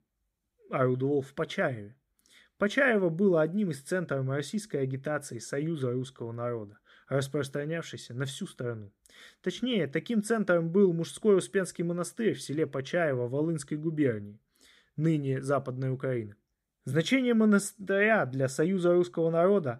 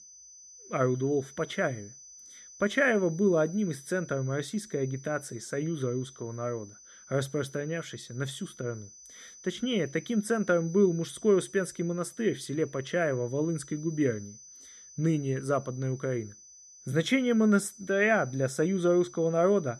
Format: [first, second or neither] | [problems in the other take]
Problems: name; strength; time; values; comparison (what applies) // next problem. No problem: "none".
first | high-pitched whine; noticeable; throughout; 6 kHz, 20 dB below the speech